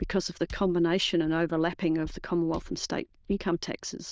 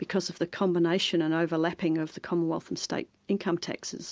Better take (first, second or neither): second